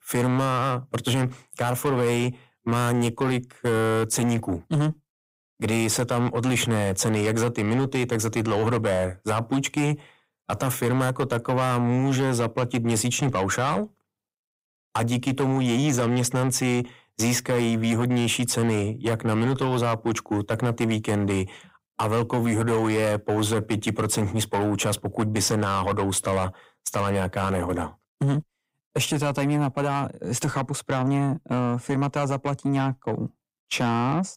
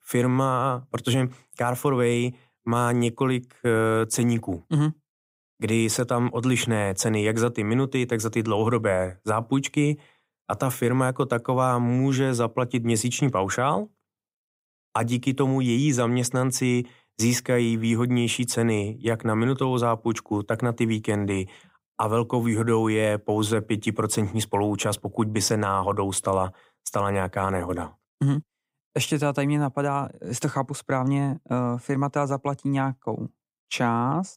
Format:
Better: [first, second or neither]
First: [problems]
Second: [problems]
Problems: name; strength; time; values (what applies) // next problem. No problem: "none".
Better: second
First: distortion; slight; 10 dB below the speech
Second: none